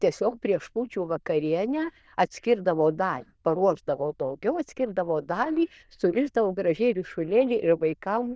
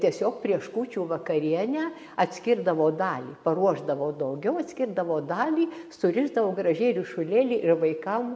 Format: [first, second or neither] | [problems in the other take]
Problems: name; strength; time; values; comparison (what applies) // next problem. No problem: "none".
second | noise reduction (neural diffusion model UNIVERSE++)